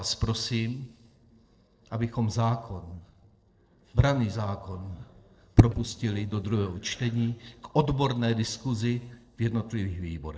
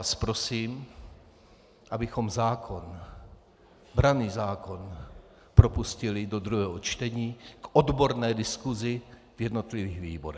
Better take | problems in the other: second | noise reduction (neural separator model SepFormer DNS4)

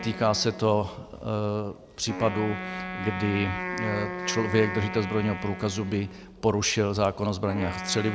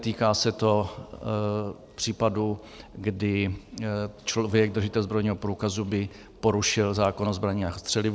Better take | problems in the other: second | background sound (Wind instrument, woodwind instrument); 9 dB below the speech

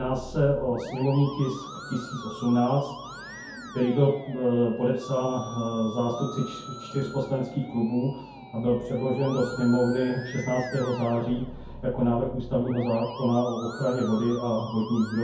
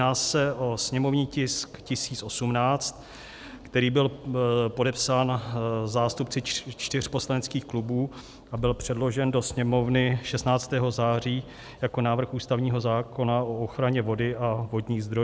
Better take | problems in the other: second | background sound (Musical instrument); 14 dB below the speech // room echo; dies away in 0.6 s

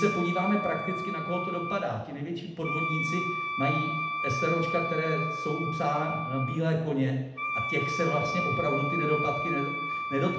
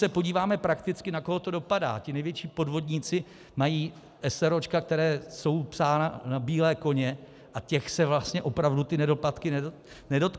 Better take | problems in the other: second | background sound (Wind instrument, woodwind instrument); 3 dB below the speech // room echo; dies away in 0.8 s

